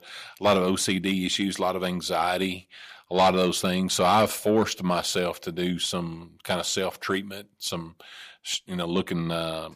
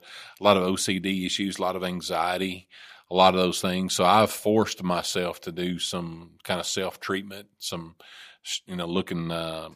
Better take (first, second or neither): second